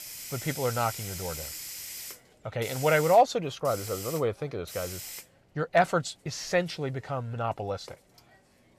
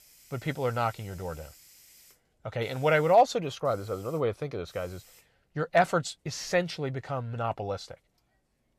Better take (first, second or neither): second